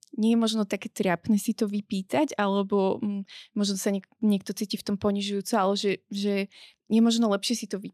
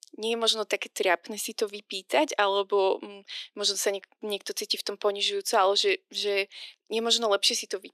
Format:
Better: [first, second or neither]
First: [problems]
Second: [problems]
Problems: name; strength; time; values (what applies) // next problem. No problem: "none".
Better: first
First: none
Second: thin; very; fading below 350 Hz